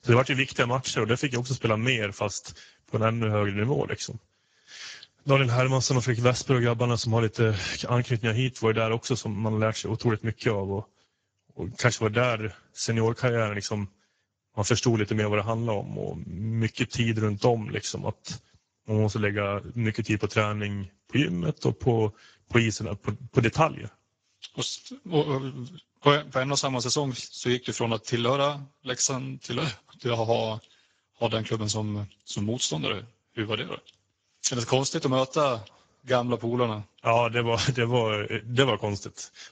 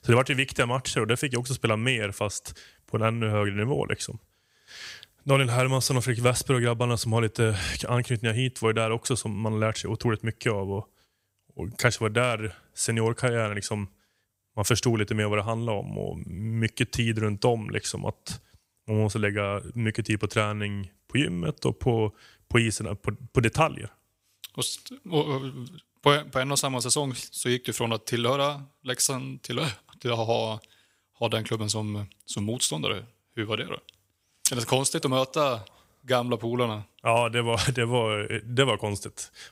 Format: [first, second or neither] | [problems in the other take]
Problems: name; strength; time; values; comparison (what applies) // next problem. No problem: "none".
second | garbled, watery; badly; nothing above 7.5 kHz